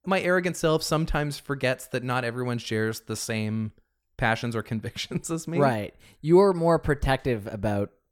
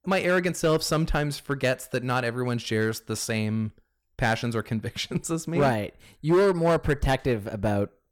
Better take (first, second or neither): first